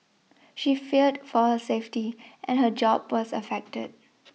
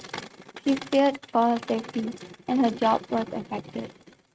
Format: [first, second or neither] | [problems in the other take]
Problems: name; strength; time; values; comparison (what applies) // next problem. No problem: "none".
first | noise reduction (neural mask model RNNoise)